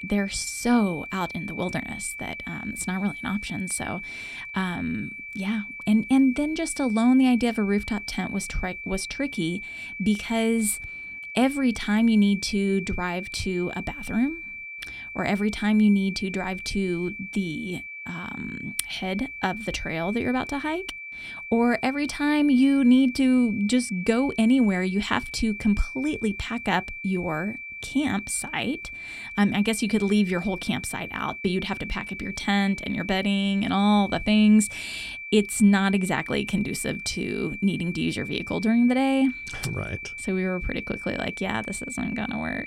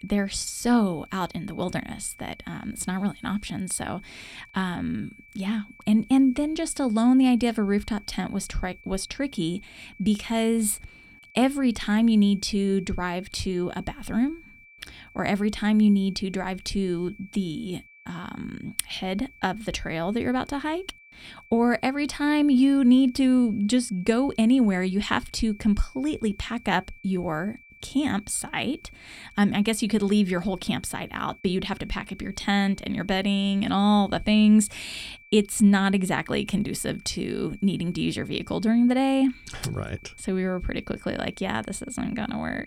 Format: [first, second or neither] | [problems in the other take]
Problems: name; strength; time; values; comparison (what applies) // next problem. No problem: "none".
second | high-pitched whine; loud; throughout; 2.5 kHz, 10 dB below the speech; faint in the second